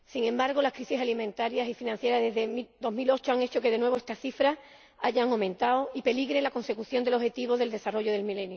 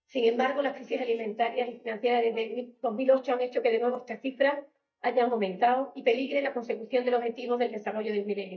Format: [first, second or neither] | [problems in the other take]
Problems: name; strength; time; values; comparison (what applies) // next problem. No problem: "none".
first | noise reduction (neural mask model DeepFilterNet 3)